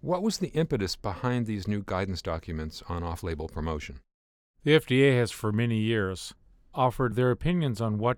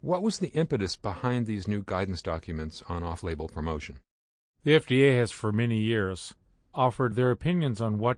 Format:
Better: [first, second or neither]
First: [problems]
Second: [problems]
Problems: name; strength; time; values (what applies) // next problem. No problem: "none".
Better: first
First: none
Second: garbled, watery; slightly; nothing above 10 kHz